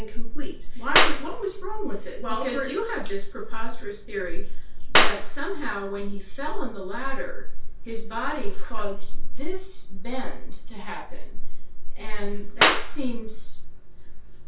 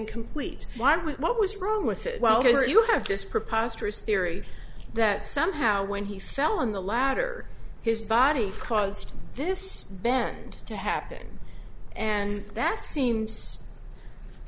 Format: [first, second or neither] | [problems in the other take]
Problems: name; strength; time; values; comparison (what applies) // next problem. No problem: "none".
second | background sound (Clapping); 7 dB below the speech // room echo; dies away in 0.3 s